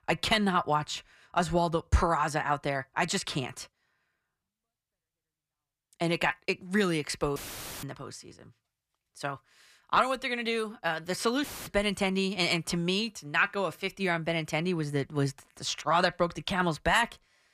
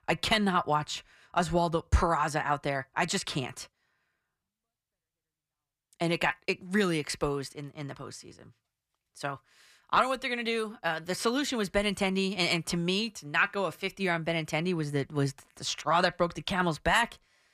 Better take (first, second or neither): second